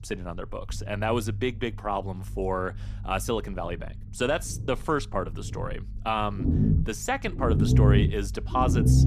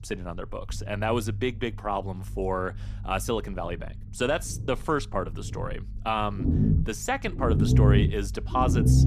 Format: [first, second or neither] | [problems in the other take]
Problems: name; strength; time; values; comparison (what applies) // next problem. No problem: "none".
neither | low rumble; loud; throughout; 5 dB below the speech; the same in both